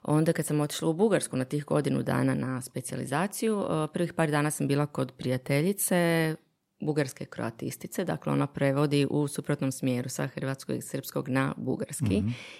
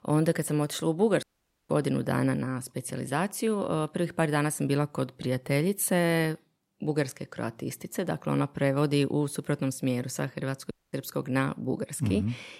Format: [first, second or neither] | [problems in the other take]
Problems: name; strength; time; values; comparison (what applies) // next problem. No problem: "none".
first | audio cutting out; at 1 s and at 11 s